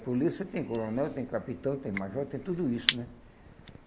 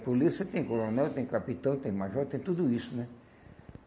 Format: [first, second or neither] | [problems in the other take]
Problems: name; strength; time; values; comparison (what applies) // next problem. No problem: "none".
second | background sound (Crushing); 7 dB below the speech